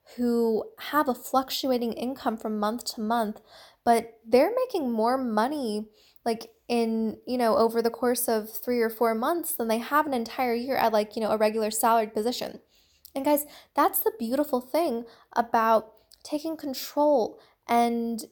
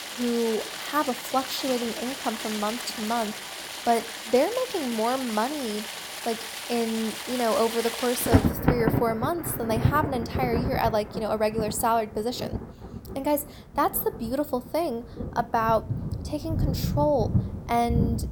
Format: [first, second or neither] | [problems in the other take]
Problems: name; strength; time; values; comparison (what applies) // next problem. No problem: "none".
first | rain or running water; loud; throughout; 3 dB below the speech